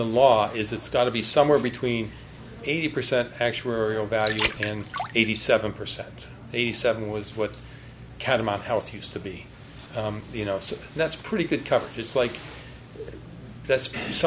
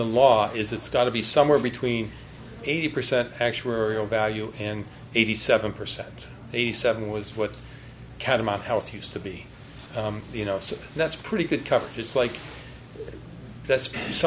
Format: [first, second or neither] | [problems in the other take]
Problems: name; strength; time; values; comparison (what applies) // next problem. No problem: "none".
second | background sound (Water); 10 dB below the speech